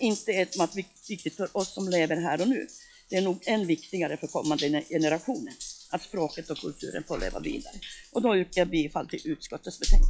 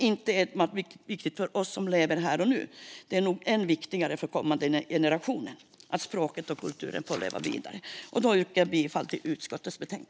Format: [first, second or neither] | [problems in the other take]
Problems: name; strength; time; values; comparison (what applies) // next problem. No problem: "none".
second | noise reduction (classical method log-MMSE)